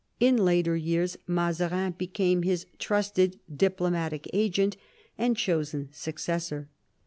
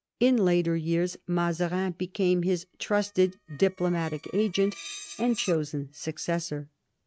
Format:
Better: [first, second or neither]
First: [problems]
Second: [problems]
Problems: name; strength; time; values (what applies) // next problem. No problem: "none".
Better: first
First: none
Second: noise reduction (neural mask model RNNoise)